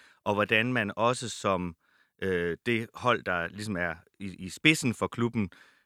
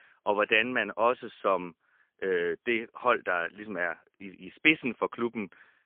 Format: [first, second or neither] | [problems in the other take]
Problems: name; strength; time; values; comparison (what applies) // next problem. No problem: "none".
first | phone-call audio; poor line; nothing above 3 kHz